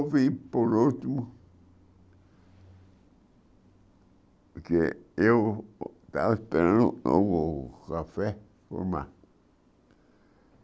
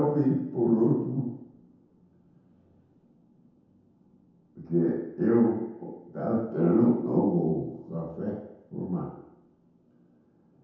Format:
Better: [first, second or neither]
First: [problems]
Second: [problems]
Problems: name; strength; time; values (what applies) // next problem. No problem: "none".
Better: first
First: none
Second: room echo; dies away in 0.9 s